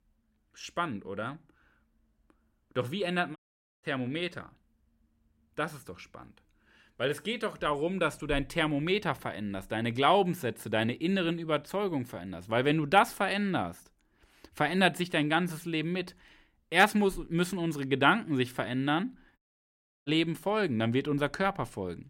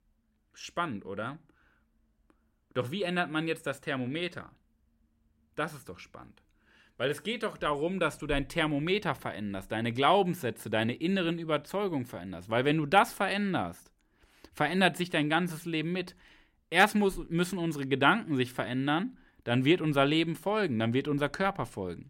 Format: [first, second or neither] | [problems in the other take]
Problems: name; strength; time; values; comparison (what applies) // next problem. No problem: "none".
second | audio cutting out; at 3.5 s and at 19 s for 0.5 s